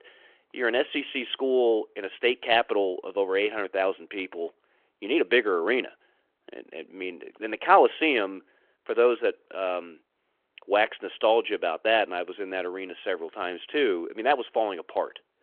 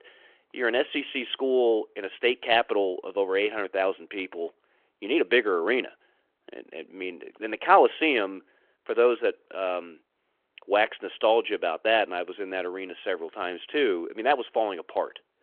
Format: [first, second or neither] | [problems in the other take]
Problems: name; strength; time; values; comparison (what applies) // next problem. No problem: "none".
neither | phone-call audio; the same in both